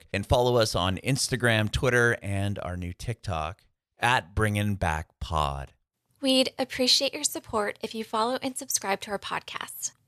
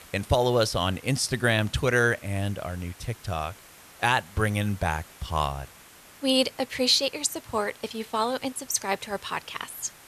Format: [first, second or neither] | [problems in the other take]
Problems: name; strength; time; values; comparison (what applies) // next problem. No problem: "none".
first | hiss; faint; throughout; 20 dB below the speech